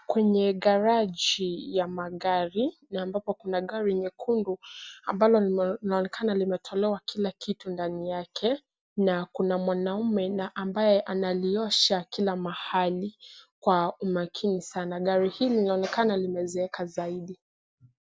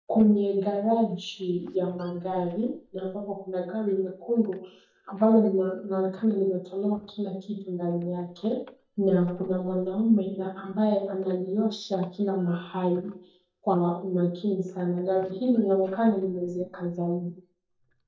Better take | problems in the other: first | noise reduction (neural mask model DeepFilterNet 3)

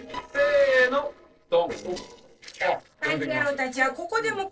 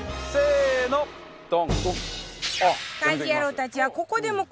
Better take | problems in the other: second | noise reduction (neural separator model SepFormer DNS4)

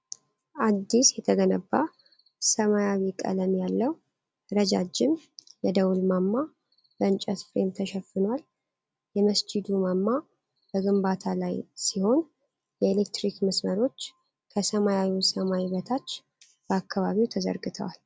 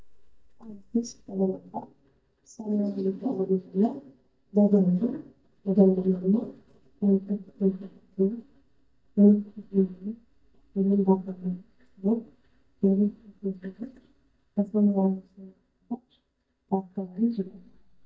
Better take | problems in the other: first | noise reduction (neural mask model DeepFilterNet 3)

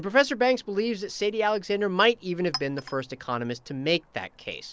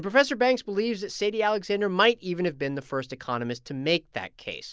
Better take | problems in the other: second | background sound (Chink, clink); 20 dB below the speech

